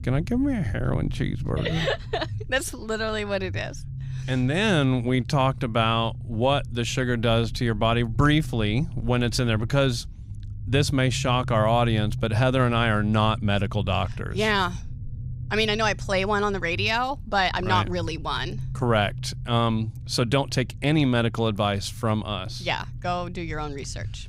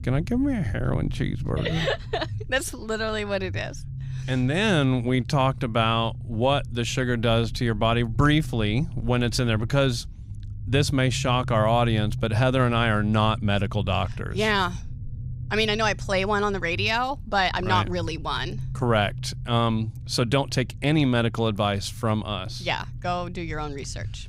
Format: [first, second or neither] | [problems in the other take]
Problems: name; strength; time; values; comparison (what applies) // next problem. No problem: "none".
neither | low rumble; faint; throughout; 25 dB below the speech; the same in both